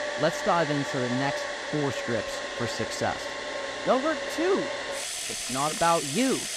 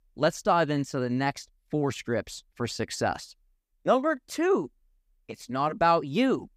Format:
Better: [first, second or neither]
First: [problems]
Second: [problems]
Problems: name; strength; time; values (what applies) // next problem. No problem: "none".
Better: second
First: household noises; loud; throughout; 3 dB below the speech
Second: none